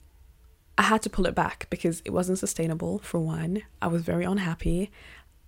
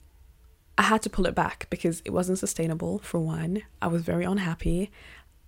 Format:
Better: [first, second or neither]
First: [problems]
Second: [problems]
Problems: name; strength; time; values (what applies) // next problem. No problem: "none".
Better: neither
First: none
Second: none